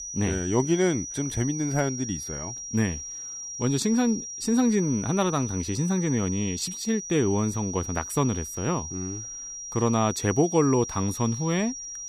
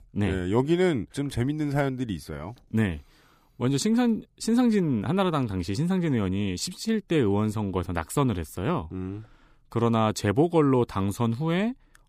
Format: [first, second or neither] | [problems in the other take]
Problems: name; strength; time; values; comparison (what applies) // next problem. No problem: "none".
second | high-pitched whine; loud; throughout; 5.5 kHz, 8 dB below the speech